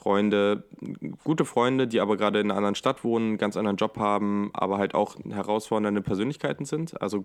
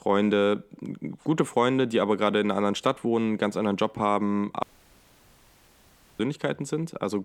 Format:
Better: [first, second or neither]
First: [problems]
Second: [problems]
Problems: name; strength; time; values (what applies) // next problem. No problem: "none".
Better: first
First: none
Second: audio cutting out; at 4.5 s for 1.5 s